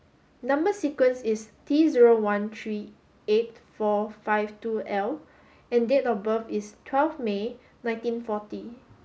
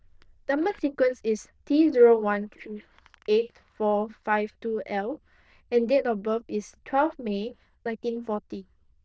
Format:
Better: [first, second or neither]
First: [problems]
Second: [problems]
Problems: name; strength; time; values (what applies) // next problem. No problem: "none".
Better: first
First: none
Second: noise reduction (neural diffusion model UNIVERSE++)